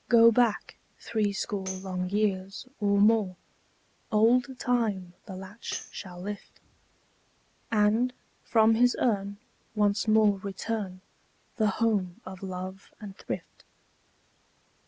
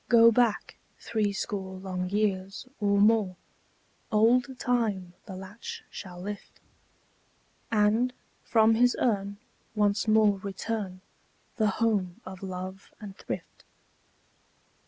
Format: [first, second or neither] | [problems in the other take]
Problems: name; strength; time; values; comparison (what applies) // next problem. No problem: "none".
second | background sound (Tambourine); 18 dB below the speech